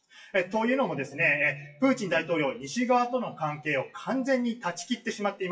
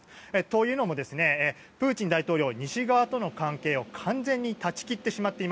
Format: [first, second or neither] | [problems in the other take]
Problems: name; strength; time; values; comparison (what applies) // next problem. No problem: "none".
second | noise reduction (classical method WPE with log-MMSE)